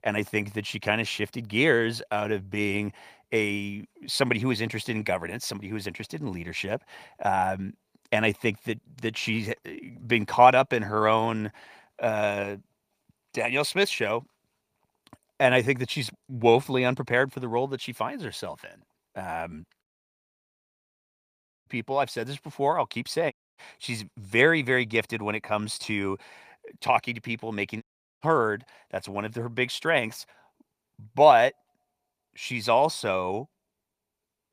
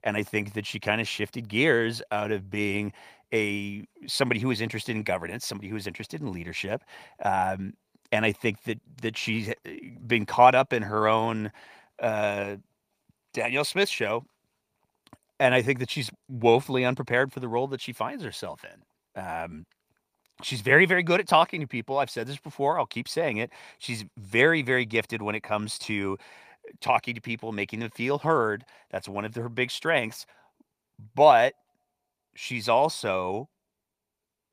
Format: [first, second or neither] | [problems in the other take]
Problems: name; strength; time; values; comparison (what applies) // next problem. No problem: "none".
second | audio cutting out; at 20 s for 2 s, at 23 s and at 28 s